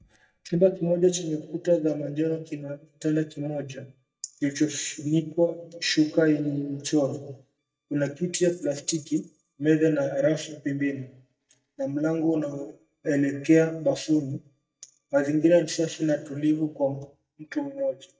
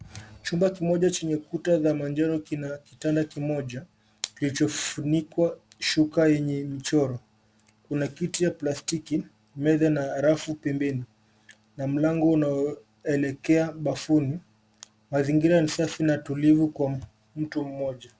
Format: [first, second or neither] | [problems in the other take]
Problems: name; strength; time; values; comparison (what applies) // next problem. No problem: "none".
second | noise reduction (neural mask model DeepFilterNet 3)